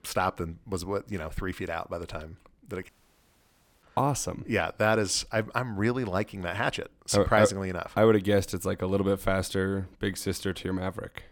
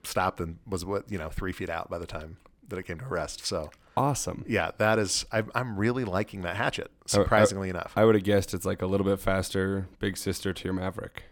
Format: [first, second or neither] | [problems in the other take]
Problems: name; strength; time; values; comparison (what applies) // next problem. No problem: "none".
second | audio cutting out; at 3 s for 1 s